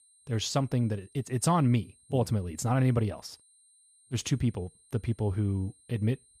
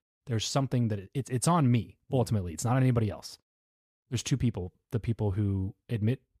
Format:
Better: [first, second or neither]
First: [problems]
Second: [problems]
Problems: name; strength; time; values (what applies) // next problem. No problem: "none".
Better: second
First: high-pitched whine; faint; throughout; 8.5 kHz, 30 dB below the speech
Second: none